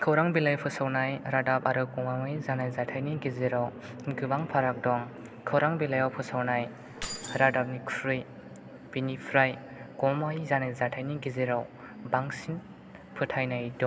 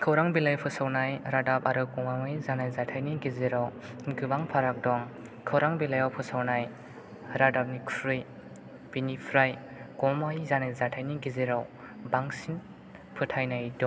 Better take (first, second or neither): second